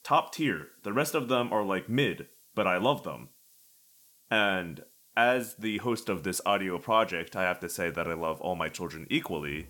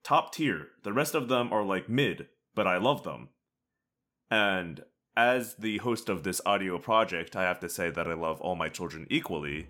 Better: second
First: hiss; faint; throughout; 30 dB below the speech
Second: none

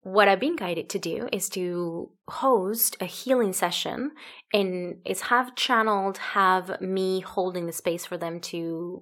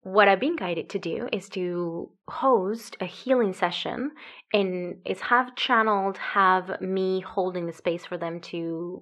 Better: first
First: none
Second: muffled; slightly; fading above 2.5 kHz

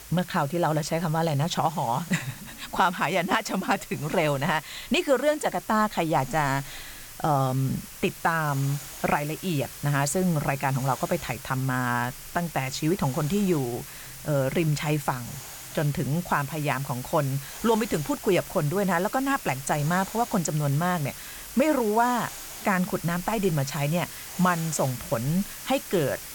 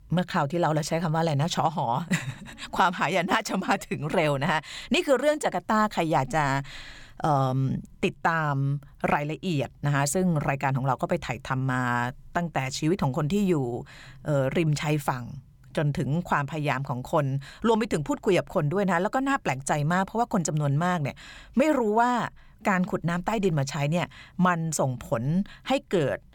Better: second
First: hiss; noticeable; throughout; 10 dB below the speech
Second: none

